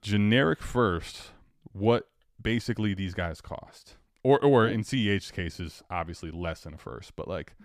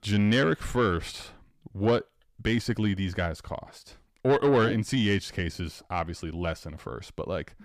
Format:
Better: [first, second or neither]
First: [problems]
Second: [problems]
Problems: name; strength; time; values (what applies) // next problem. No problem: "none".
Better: first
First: none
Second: distortion; slight; 10 dB below the speech